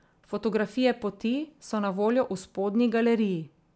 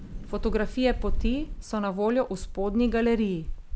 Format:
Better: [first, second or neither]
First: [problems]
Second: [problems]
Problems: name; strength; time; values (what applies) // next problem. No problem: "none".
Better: first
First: none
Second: background sound (Thunder / Rain); 4 dB below the speech